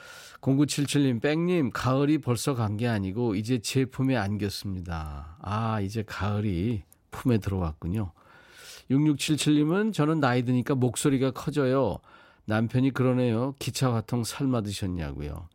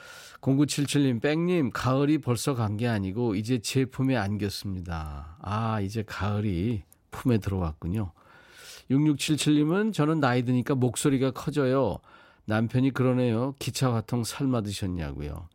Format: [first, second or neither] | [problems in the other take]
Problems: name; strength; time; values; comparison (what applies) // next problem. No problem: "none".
neither | none